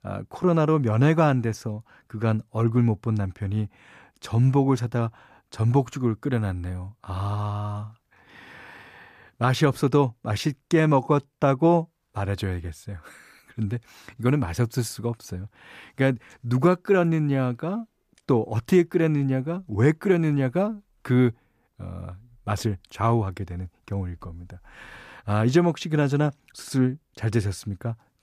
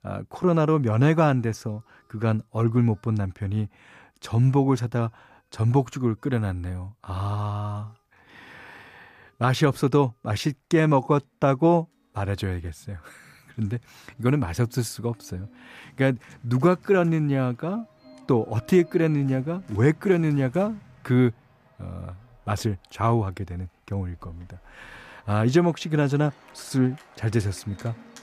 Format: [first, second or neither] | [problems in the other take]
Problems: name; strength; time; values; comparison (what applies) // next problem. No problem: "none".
first | background music; faint; throughout; 25 dB below the speech